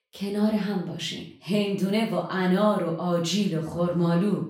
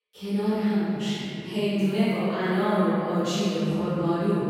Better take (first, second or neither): first